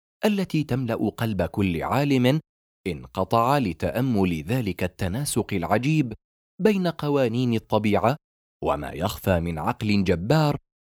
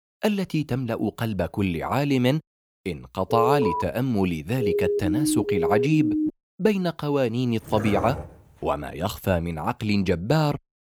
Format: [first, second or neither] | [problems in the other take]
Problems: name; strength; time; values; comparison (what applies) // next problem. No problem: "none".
first | alarm; loud; at 3.5 s; peak 2 dB above the speech // siren; loud; from 4.5 to 6.5 s; peak 1 dB above the speech // dog barking; noticeable; at 7.5 s; peak 5 dB below the speech